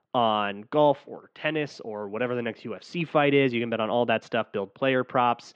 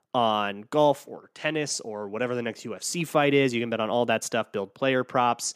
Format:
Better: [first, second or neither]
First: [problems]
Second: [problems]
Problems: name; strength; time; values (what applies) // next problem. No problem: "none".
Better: second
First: muffled; very; fading above 3.5 kHz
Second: none